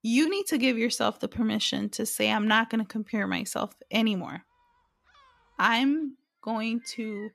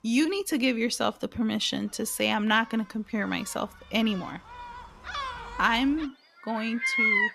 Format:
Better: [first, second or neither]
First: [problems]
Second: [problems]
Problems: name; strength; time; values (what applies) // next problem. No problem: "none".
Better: first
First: animal sounds; faint; throughout; 30 dB below the speech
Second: animal sounds; loud; throughout; 3 dB below the speech